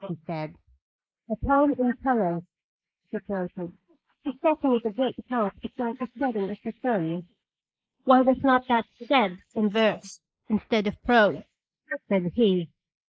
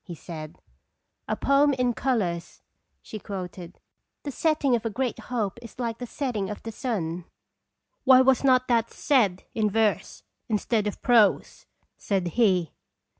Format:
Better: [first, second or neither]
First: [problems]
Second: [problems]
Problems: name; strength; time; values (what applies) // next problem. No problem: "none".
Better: second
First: noise reduction (neural mask model Resemble Enhance denoiser)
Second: none